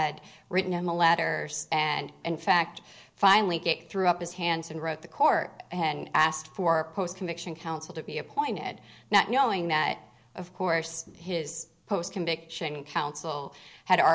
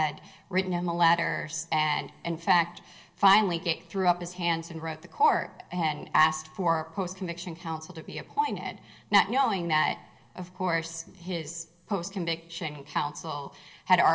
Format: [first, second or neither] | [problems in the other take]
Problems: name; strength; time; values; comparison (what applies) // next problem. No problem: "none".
first | room echo; dies away in 0.3 s